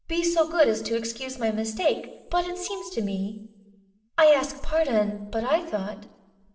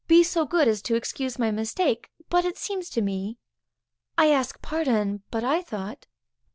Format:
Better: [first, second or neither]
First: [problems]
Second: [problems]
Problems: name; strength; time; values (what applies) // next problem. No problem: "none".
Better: second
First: background sound (Alarm); 18 dB below the speech // room echo; dies away in 0.9 s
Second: none